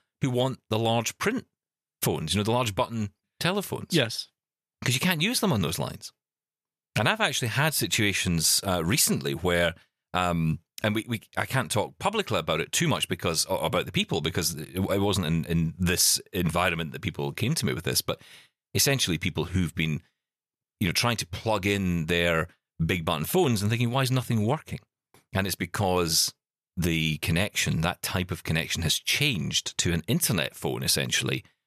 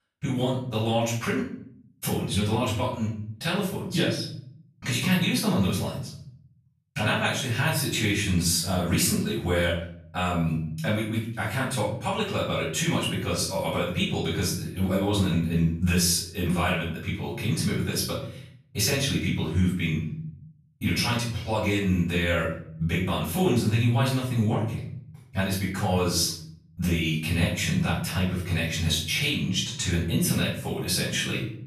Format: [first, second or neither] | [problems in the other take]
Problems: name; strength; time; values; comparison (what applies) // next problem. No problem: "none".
first | off-mic speech; far // room echo; noticeable; dies away in 0.7 s